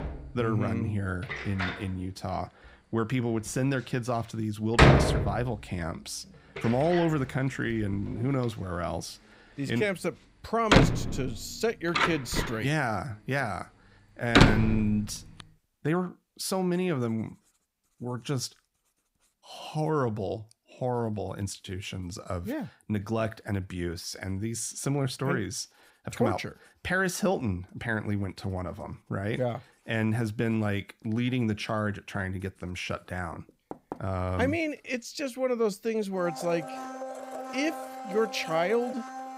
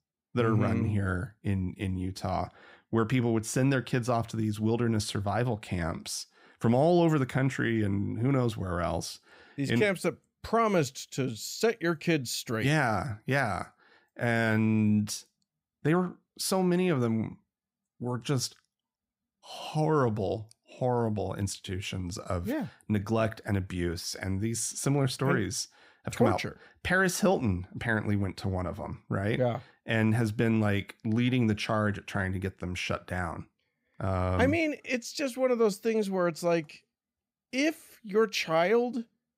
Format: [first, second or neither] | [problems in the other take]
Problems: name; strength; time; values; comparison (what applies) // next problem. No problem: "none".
second | household noises; very loud; throughout; 2 dB above the speech